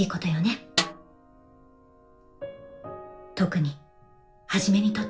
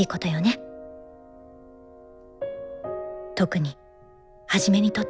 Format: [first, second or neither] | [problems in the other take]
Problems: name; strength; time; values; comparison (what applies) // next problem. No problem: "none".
second | background sound (Snare drum); 2 dB below the speech // room echo; dies away in 0.2 s